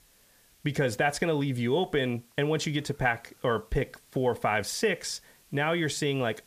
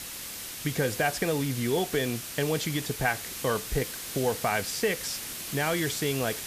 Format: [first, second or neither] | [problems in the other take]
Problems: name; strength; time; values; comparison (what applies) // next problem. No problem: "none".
first | hiss; loud; throughout; 6 dB below the speech; faint in the first